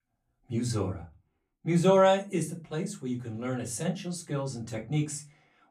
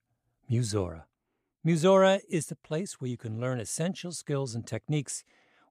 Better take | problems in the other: second | off-mic speech; far // room echo; very slight; dies away in 0.2 s

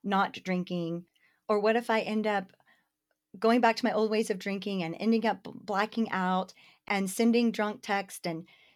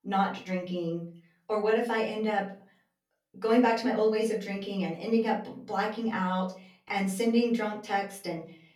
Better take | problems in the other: first | off-mic speech; far // room echo; slight; dies away in 0.3 s

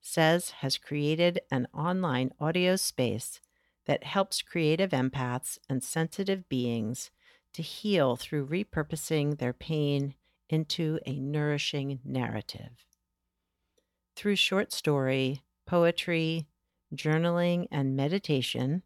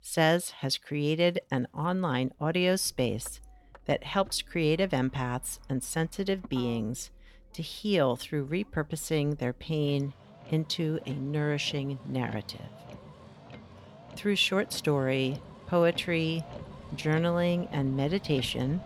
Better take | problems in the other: first | traffic noise; noticeable; throughout; 20 dB below the speech

